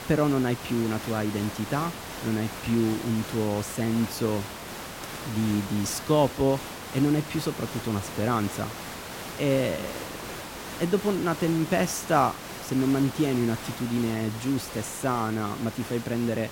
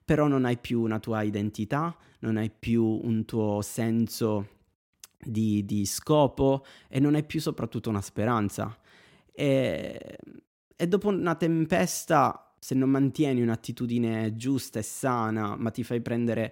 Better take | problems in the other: second | hiss; loud; throughout; 9 dB below the speech

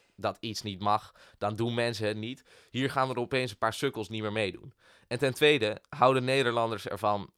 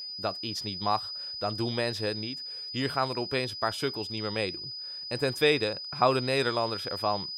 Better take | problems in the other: first | high-pitched whine; loud; throughout; 5 kHz, 5 dB below the speech

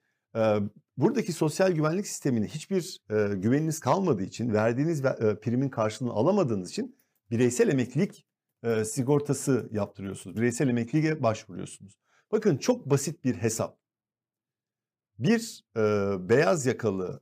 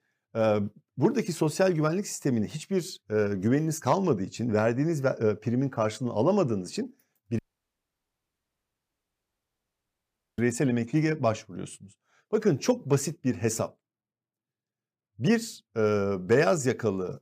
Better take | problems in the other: first | audio cutting out; at 7.5 s for 3 s

